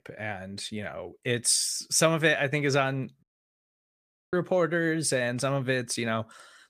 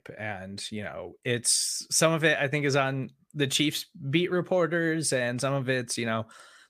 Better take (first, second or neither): second